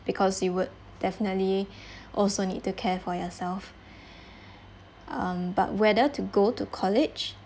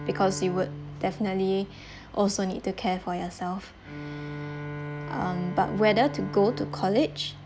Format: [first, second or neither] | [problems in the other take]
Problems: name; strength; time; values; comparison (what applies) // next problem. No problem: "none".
first | background sound (Bowed string instrument); 11 dB below the speech